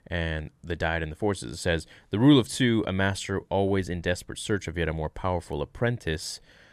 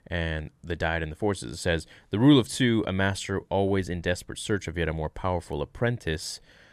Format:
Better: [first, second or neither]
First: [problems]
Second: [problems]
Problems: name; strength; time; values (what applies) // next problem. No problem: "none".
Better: neither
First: none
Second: none